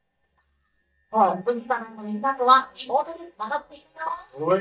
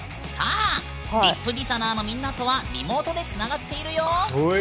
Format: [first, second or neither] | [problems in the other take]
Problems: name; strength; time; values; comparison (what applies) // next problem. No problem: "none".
second | noise reduction (neural mask model DeepFilterNet 3)